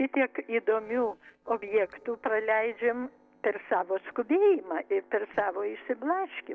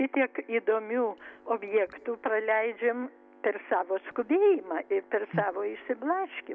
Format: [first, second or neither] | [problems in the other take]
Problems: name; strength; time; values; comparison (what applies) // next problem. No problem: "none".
second | noise reduction (neural separator model SepFormer DNS4)